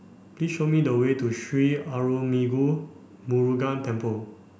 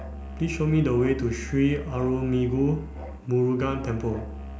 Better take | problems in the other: first | background sound (Musical instrument); 11 dB below the speech

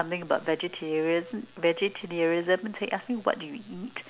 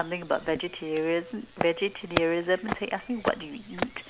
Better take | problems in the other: first | background sound (Walk, footsteps); 7 dB below the speech

